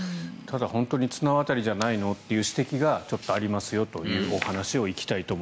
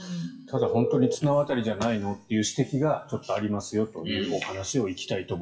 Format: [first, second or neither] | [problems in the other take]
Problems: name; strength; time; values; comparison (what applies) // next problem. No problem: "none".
first | noise reduction (classical method WPE with log-MMSE)